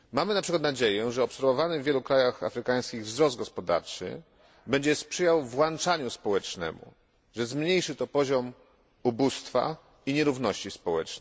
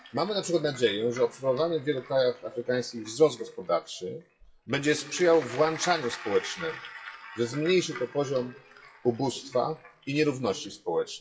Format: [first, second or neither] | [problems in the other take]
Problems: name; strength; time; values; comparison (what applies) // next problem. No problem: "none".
first | noise reduction (classical method WPE with log-MMSE)